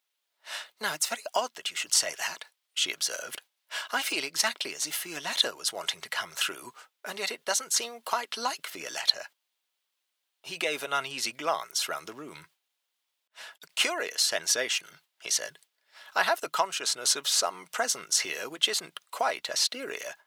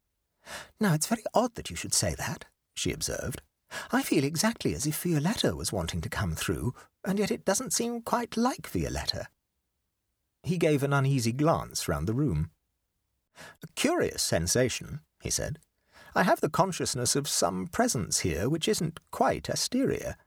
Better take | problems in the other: second | thin; very; fading below 750 Hz

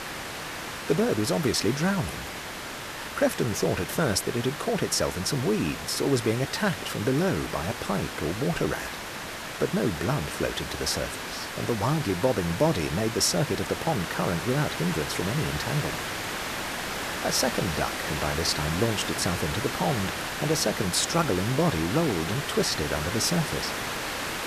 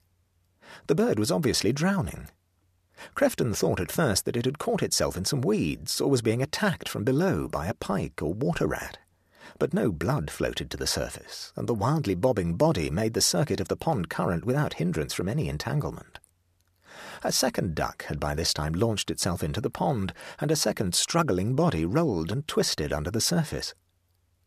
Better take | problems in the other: second | hiss; loud; throughout; 5 dB below the speech

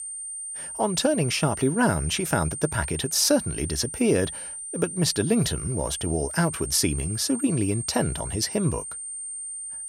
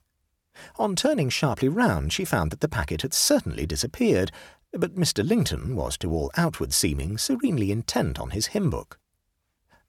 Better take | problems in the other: second | high-pitched whine; loud; throughout; 9 kHz, 7 dB below the speech

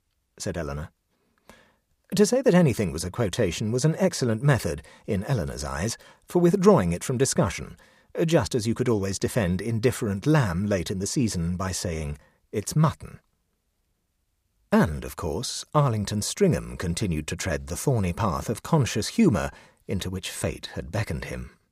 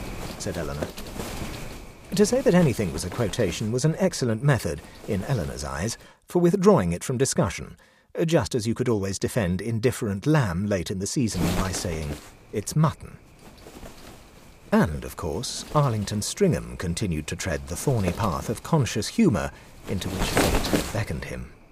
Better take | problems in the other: first | wind noise on the microphone; heavy; until 6 s and from 11 s on; 6 dB below the speech

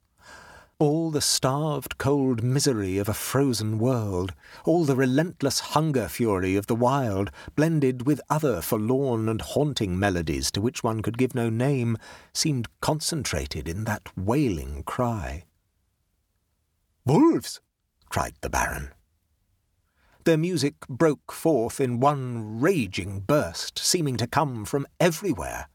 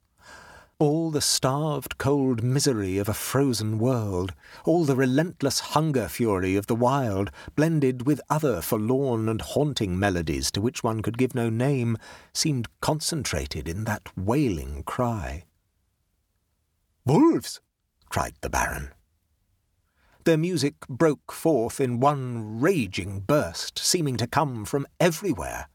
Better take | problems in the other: neither | none

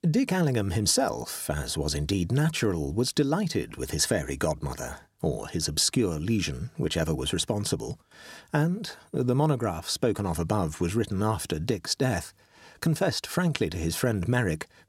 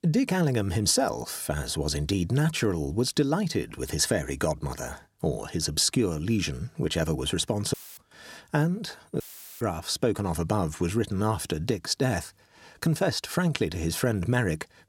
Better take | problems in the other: first | audio cutting out; filled with static; at 7.5 s and at 9 s

